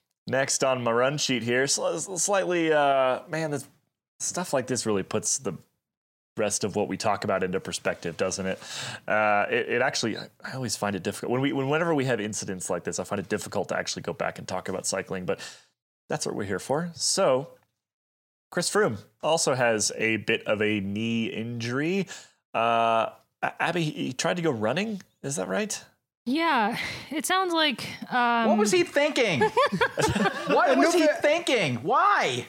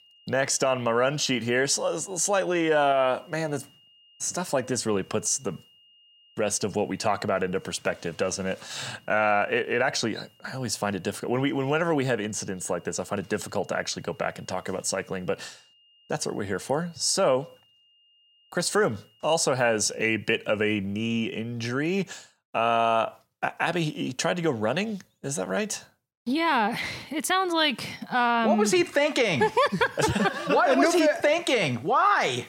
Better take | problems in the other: first | high-pitched whine; faint; until 20 s; 3 kHz, 30 dB below the speech

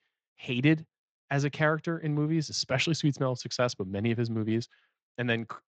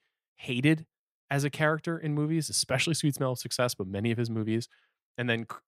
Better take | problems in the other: second | garbled, watery; slightly; nothing above 7.5 kHz

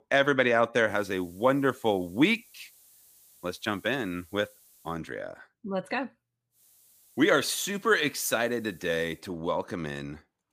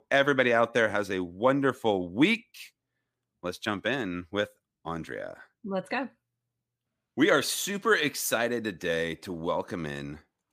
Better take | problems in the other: second | hiss; faint; from 1 to 5 s and from 6.5 to 9 s; 30 dB below the speech

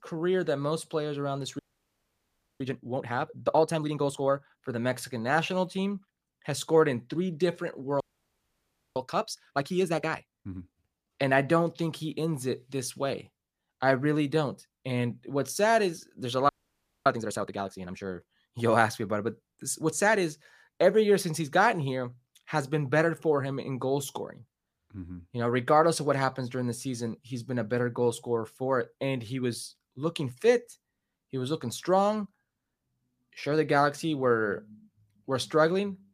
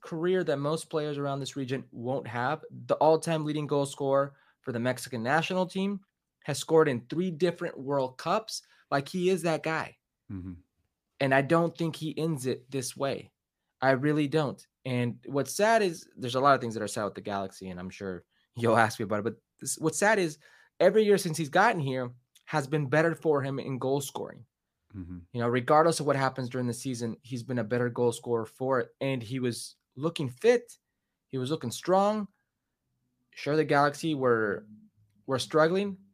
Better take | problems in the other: second | audio freezing; at 1.5 s for 1 s, at 8 s for 1 s and at 16 s for 0.5 s

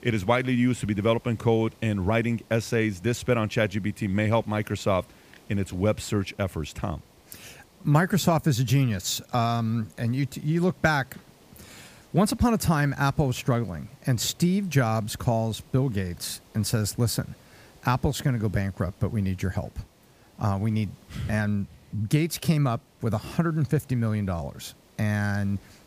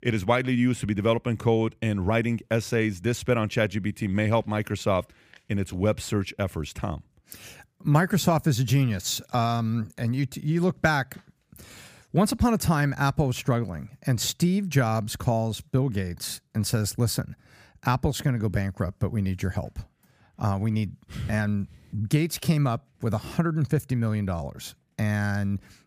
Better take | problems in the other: second | hiss; faint; throughout; 30 dB below the speech

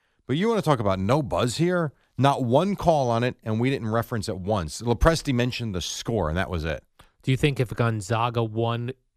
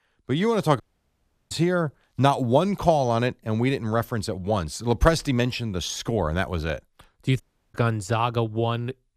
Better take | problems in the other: first | audio cutting out; at 1 s for 0.5 s and at 7.5 s

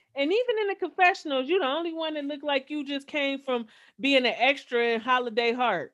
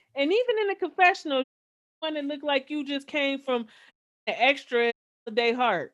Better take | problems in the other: first | audio cutting out; at 1.5 s for 0.5 s, at 4 s and at 5 s

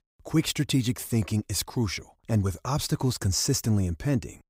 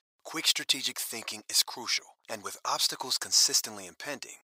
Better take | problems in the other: first | thin; very; fading below 850 Hz

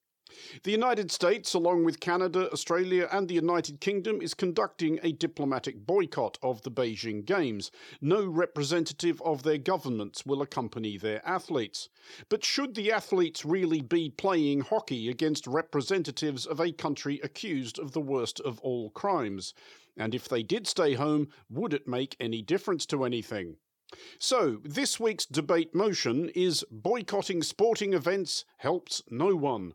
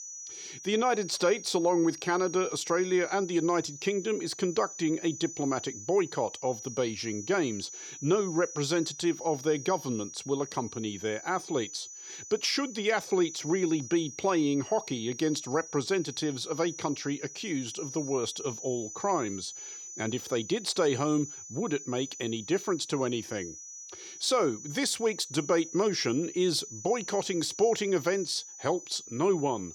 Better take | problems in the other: first | high-pitched whine; noticeable; throughout; 6 kHz, 10 dB below the speech

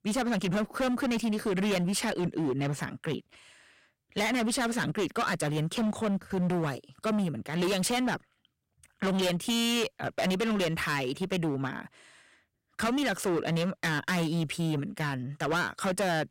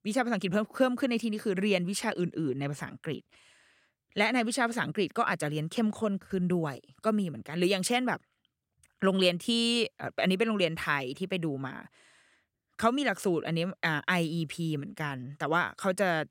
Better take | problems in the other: second | distortion; heavy; 21% of the sound clipped

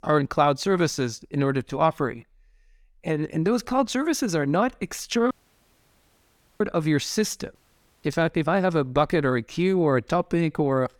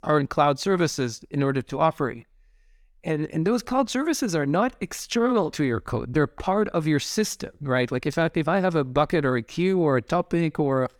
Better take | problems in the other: second | audio cutting out; at 5.5 s for 1.5 s and at 7.5 s

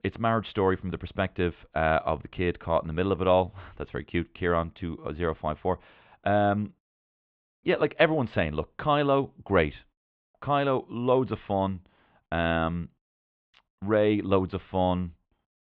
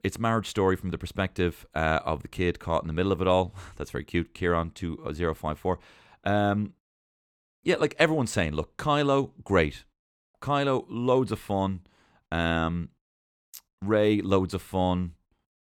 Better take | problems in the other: second | muffled; very; fading above 3.5 kHz

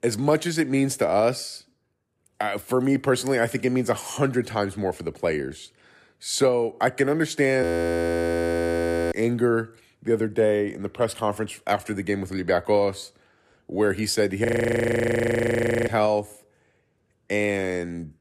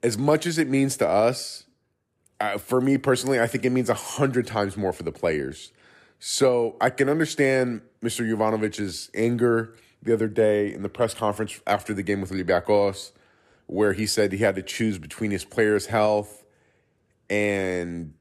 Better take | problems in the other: second | audio freezing; at 7.5 s for 1.5 s and at 14 s for 1.5 s

